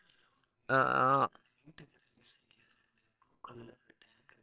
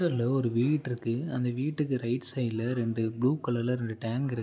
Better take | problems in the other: second | noise reduction (neural separator model SepFormer WHAMR!)

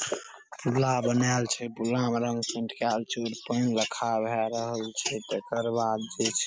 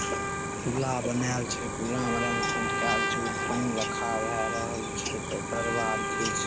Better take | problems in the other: first | background sound (Trumpet + Cricket); 1 dB above the speech

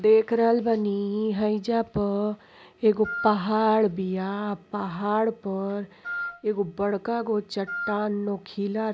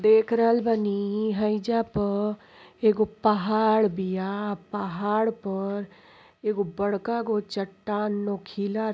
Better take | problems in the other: second | background sound (Wind instrument, woodwind instrument); 9 dB below the speech

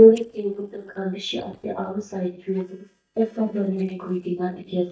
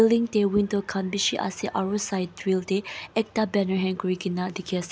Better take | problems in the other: second | noise reduction (neural mask model DeepFilterNet 3)

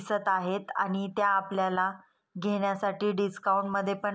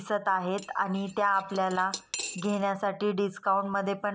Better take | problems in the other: first | background sound (Cutlery, silverware / Dishes, pots, and pans); 13 dB below the speech

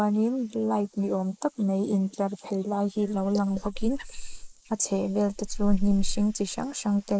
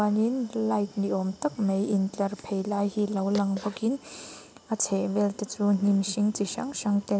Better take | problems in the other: second | noise reduction (neural mask model Resemble Enhance denoiser)

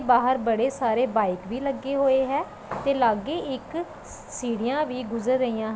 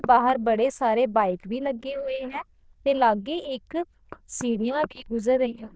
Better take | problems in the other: first | noise reduction (neural diffusion model UNIVERSE++)

